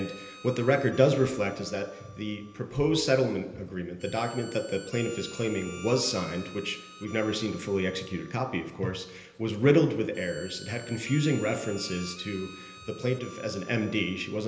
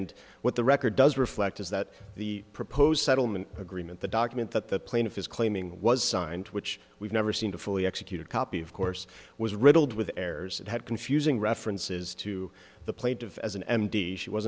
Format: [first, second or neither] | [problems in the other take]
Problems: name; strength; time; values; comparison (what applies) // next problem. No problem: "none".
second | background sound (Harmonica); 19 dB below the speech // room echo; dies away in 1.4 s